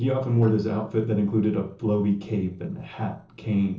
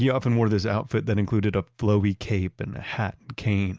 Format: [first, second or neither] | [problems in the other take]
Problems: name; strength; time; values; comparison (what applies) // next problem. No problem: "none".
second | noise reduction (neural separator model SepFormer DNS4)